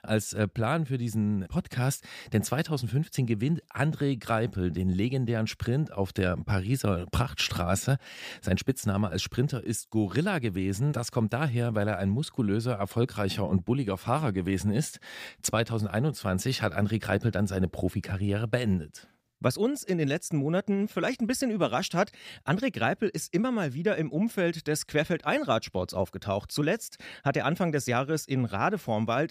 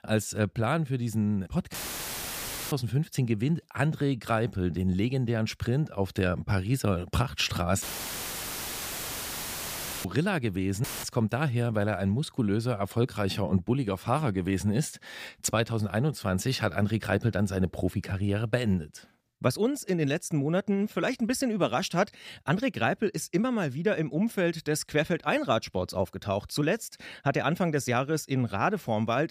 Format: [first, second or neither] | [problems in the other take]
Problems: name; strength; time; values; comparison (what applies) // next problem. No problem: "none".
first | audio cutting out; filled with static; at 1.5 s for 1 s, at 8 s for 2 s and at 11 s